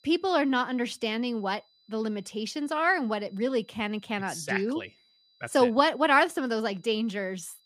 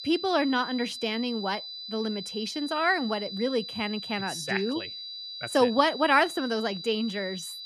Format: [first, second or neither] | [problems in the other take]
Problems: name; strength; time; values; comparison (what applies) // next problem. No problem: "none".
first | high-pitched whine; loud; throughout; 4 kHz, 9 dB below the speech; faint in the first